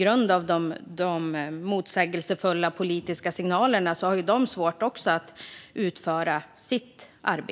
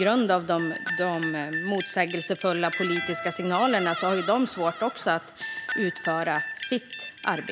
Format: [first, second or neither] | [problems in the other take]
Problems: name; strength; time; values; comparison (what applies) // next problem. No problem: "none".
first | background sound (Guitar); 8 dB below the speech